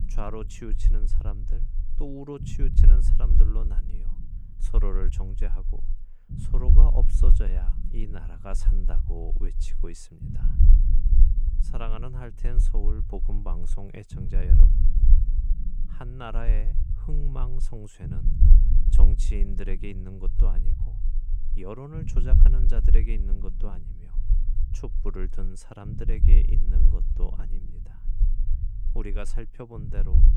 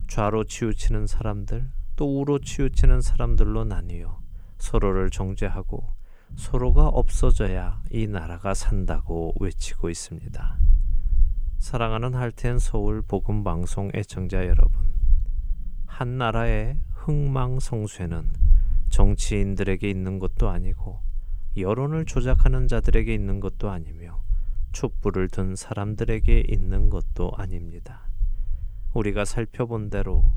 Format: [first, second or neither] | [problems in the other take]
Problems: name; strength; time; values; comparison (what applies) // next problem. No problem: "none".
second | low rumble; loud; throughout; 5 dB below the speech; faint in the second